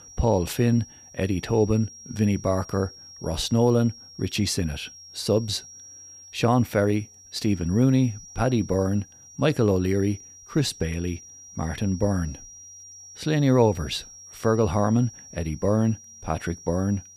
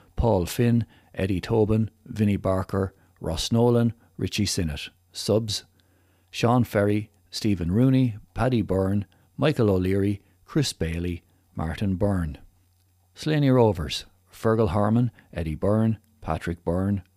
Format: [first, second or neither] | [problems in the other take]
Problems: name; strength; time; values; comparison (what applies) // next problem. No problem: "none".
second | high-pitched whine; noticeable; throughout; 5.5 kHz, 20 dB below the speech